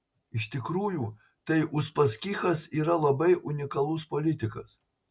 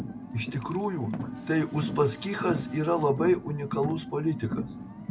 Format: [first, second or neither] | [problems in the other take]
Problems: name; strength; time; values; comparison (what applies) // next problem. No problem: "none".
first | background sound (Car); 7 dB below the speech